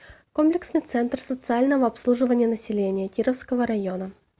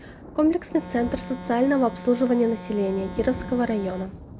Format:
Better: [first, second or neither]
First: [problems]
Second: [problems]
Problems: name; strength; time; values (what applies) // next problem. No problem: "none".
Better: first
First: none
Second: background sound (Organ + Thunder); 12 dB below the speech